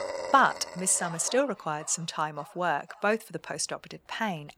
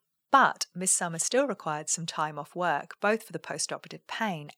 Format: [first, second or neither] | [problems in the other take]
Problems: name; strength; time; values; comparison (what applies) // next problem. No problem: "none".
second | animal sounds; noticeable; throughout; 15 dB below the speech